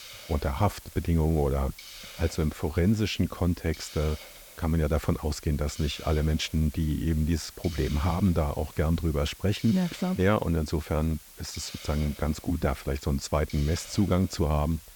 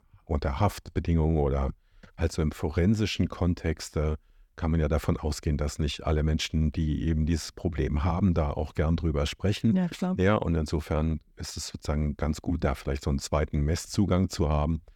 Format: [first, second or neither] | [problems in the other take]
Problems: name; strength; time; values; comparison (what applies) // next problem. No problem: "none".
second | hiss; noticeable; throughout; 15 dB below the speech